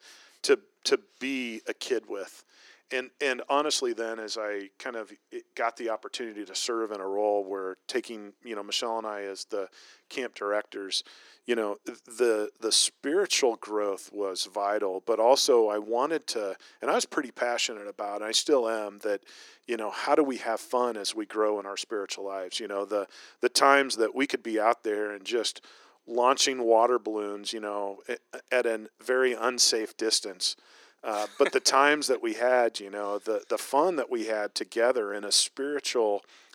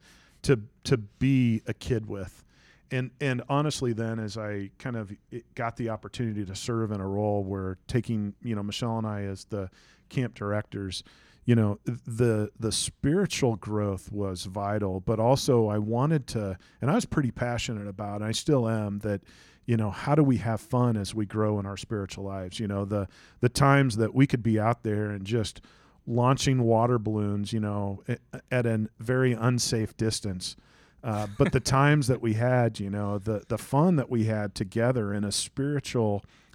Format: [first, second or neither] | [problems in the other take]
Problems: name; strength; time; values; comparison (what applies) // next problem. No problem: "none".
second | thin; very; fading below 350 Hz